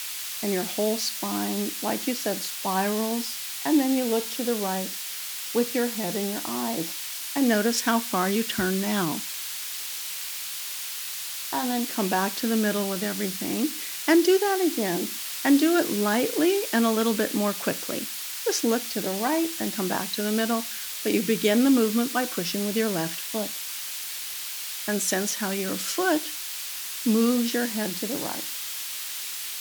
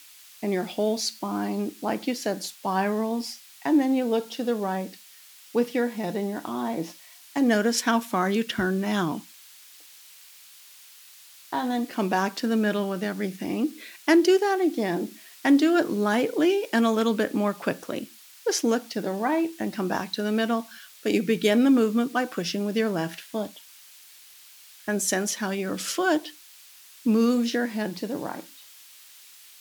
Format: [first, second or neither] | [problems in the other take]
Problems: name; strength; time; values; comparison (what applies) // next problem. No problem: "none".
second | hiss; loud; throughout; 4 dB below the speech; faint in the second